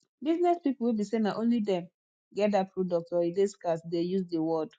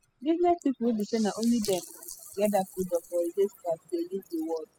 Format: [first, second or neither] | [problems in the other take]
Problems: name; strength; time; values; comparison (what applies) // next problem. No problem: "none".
first | noise reduction (classical method spectral subtraction)